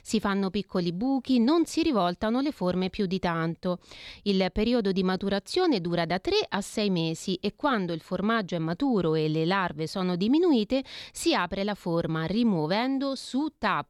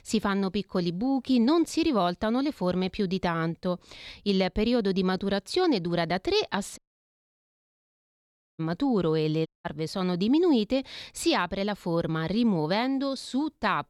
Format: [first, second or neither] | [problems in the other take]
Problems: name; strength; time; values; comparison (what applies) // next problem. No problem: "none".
first | audio cutting out; at 7 s for 2 s and at 9.5 s